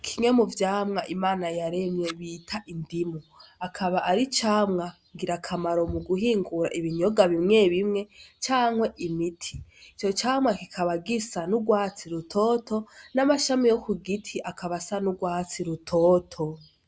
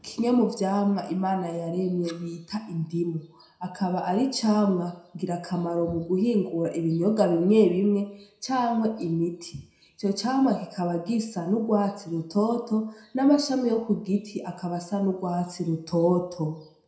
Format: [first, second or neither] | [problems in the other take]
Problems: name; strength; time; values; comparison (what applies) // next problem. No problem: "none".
first | room echo; dies away in 0.6 s